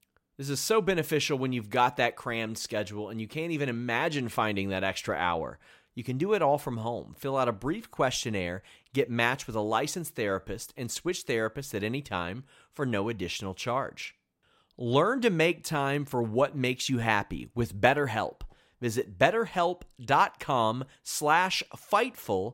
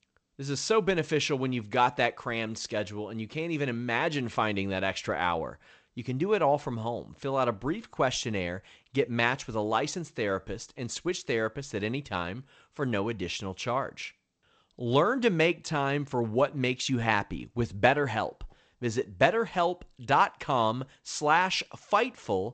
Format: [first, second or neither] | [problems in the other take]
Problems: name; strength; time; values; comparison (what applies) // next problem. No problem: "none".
first | garbled, watery; slightly; nothing above 8 kHz